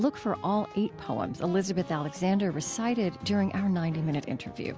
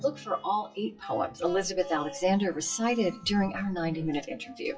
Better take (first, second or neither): first